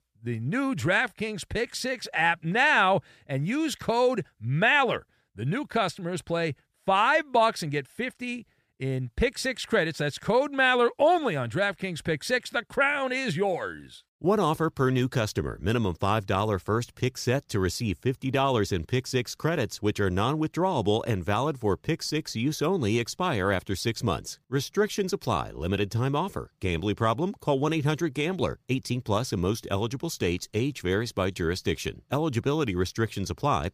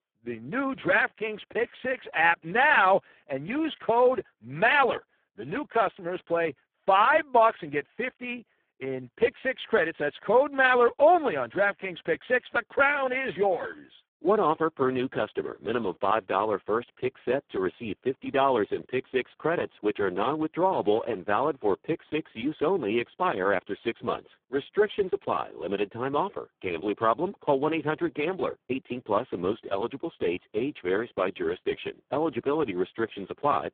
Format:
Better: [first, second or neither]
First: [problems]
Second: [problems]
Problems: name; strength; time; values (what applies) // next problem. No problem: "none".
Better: first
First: none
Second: phone-call audio; poor line